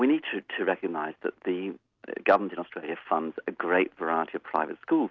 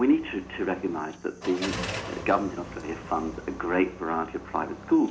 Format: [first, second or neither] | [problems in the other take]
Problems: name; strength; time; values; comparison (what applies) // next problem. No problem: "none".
first | background sound (Car); 11 dB below the speech // room echo; dies away in 0.4 s